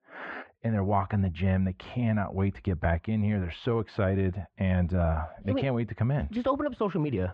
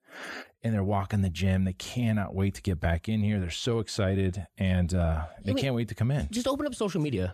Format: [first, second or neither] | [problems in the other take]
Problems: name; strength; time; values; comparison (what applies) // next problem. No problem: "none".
second | muffled; very; fading above 2.5 kHz